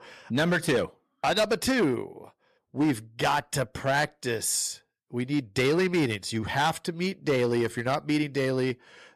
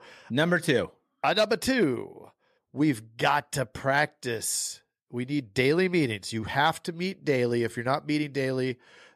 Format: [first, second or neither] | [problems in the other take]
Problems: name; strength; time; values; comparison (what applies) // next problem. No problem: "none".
second | distortion; slight; 7% of the sound clipped